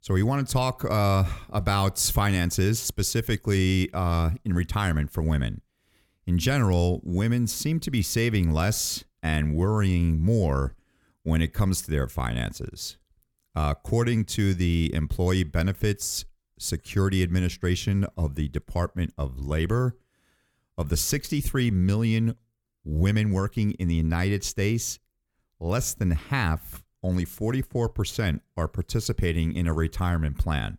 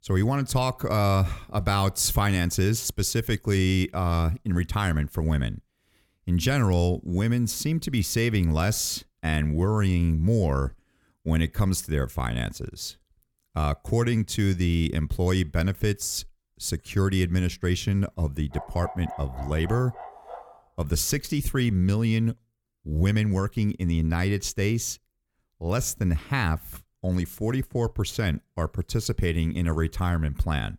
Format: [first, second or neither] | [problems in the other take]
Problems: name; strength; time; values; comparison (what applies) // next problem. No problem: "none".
first | dog barking; faint; from 19 to 21 s; peak 15 dB below the speech